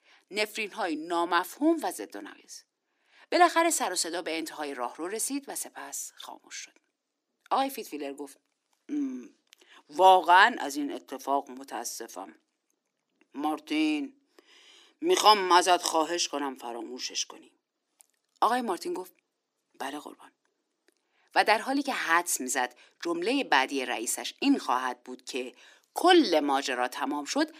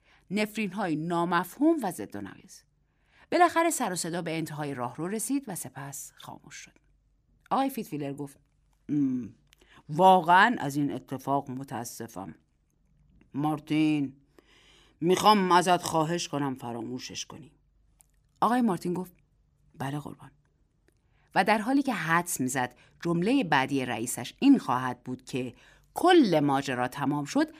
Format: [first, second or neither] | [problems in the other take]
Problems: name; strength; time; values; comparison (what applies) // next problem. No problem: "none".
second | thin; very slightly; fading below 300 Hz